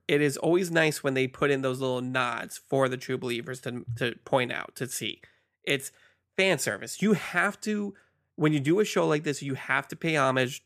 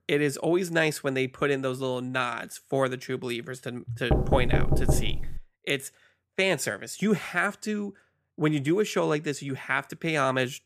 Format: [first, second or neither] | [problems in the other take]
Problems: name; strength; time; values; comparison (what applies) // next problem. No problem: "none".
first | door banging; loud; from 4 to 5.5 s; peak 2 dB above the speech